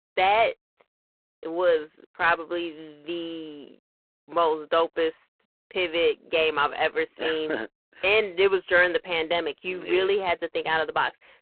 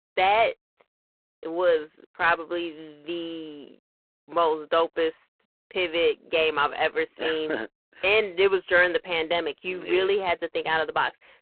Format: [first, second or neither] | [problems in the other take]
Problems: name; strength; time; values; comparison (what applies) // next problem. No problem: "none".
neither | phone-call audio; poor line; the same in both